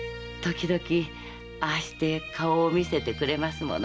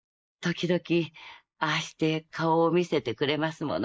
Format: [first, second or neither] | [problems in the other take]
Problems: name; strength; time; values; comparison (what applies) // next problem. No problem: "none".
first | noise reduction (neural mask model Resemble Enhance denoiser)